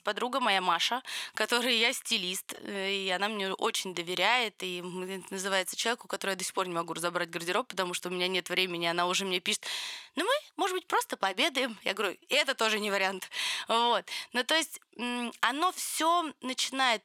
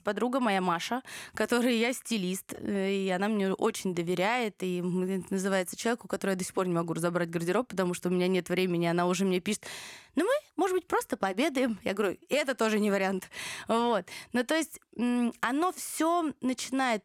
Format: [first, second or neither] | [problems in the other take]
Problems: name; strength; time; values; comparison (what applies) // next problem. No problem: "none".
second | thin; somewhat; fading below 800 Hz